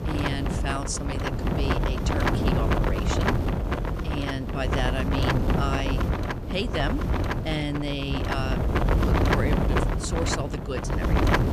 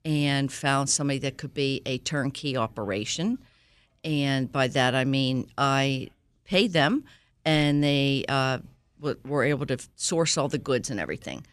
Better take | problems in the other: second | wind noise on the microphone; heavy; 3 dB above the speech

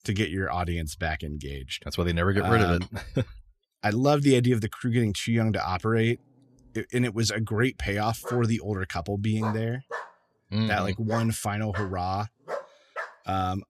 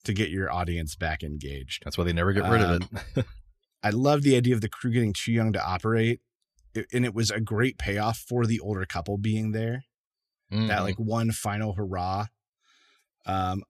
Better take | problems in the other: second | dog barking; noticeable; from 8 to 13 s; peak 10 dB below the speech

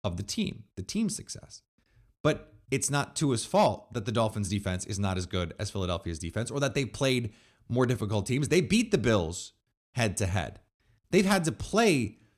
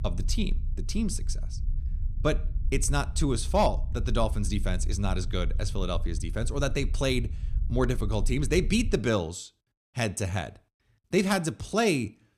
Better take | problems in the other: first | low rumble; faint; until 9 s; 20 dB below the speech

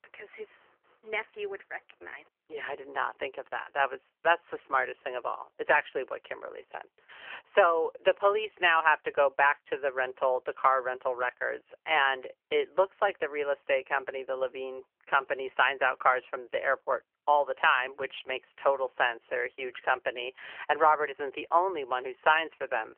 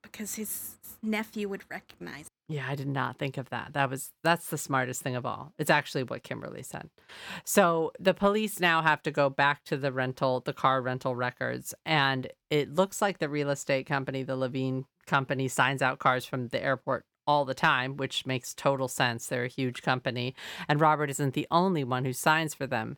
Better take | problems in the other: second | phone-call audio; nothing above 3 kHz

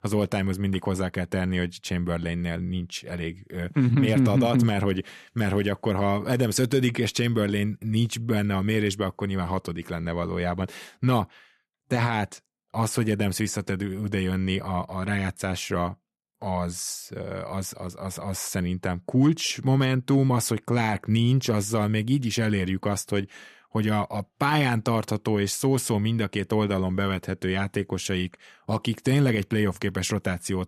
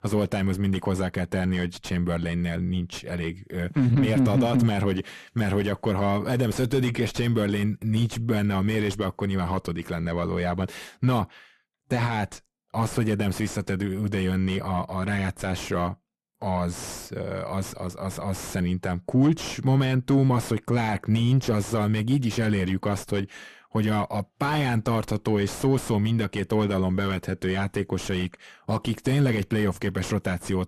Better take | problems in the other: first | distortion; slight; 10 dB below the speech

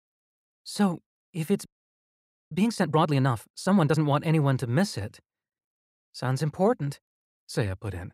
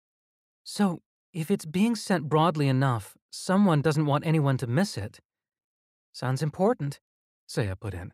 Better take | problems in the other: second | audio freezing; at 1.5 s for 1 s

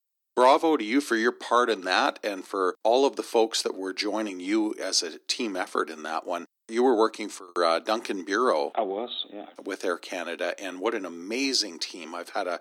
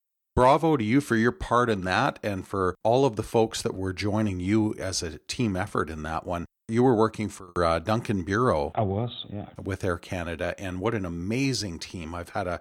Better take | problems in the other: second | thin; very slightly; fading below 250 Hz

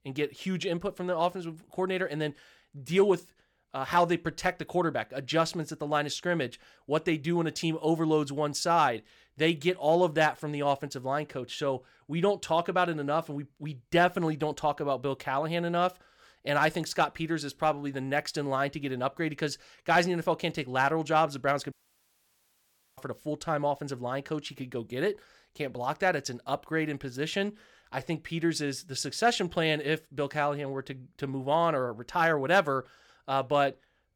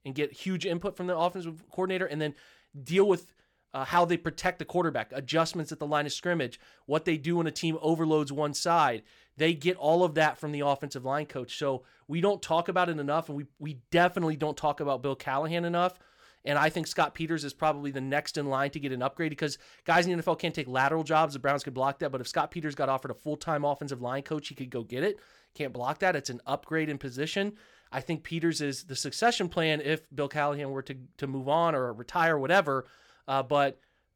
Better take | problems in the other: second | audio cutting out; at 22 s for 1.5 s

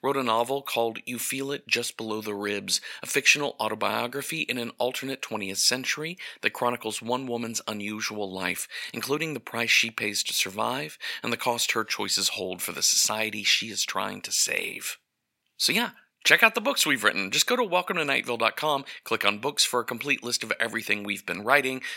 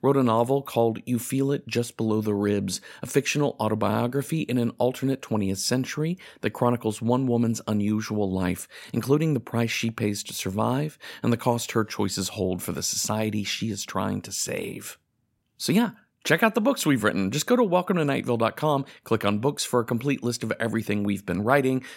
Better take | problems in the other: second | thin; somewhat; fading below 1 kHz

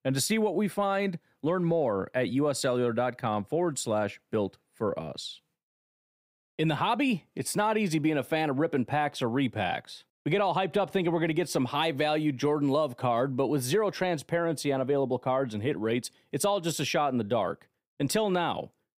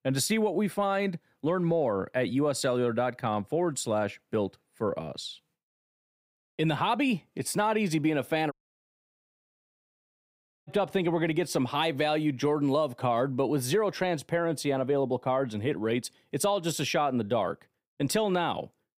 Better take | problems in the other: first | audio cutting out; at 8.5 s for 2 s

